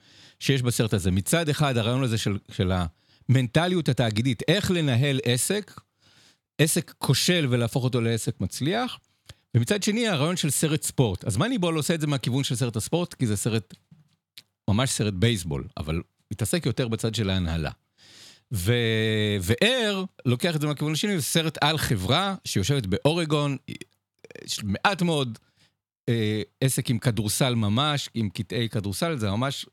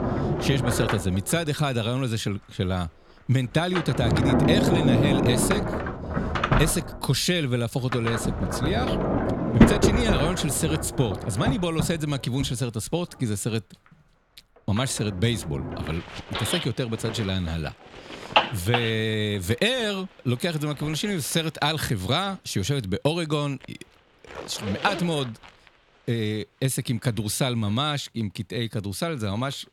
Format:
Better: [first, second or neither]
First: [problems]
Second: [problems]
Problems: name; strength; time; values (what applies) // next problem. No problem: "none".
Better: first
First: none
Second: household noises; very loud; throughout; as loud as the speech